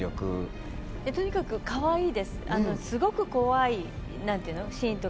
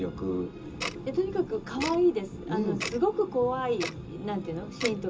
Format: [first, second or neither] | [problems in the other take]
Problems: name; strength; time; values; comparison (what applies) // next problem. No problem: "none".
first | background sound (Tick-tock); 12 dB below the speech // room echo; dies away in 0.2 s